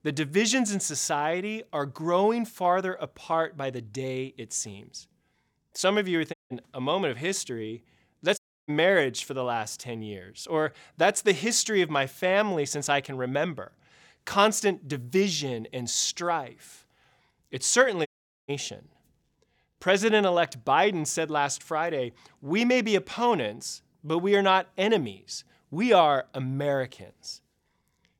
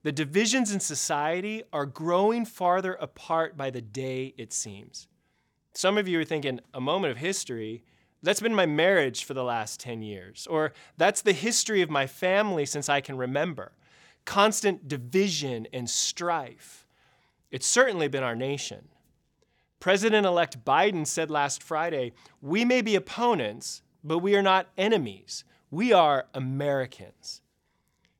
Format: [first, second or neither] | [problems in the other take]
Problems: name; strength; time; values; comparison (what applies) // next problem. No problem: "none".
second | audio cutting out; at 6.5 s, at 8.5 s and at 18 s